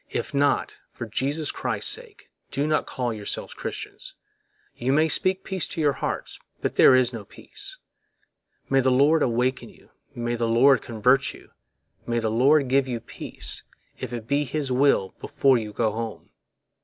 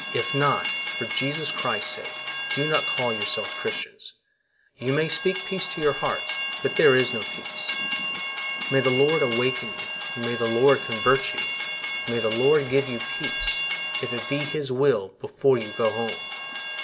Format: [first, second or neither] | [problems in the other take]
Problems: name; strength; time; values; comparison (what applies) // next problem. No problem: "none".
first | background sound (Train); 5 dB below the speech // room echo; dies away in 0.3 s